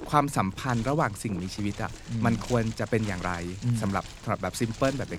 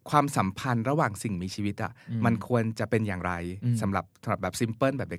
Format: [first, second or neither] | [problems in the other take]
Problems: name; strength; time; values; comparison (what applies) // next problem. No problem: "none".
second | wind noise on the microphone; occasional gusts; 15 dB below the speech